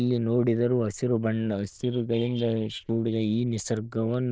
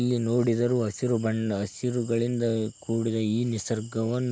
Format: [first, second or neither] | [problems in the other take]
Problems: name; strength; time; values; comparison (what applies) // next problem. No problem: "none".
second | noise reduction (neural diffusion model UNIVERSE++)